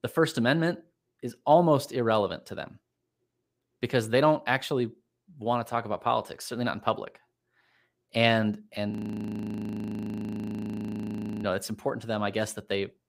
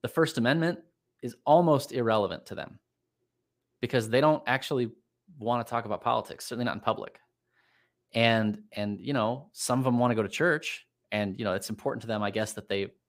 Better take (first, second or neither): second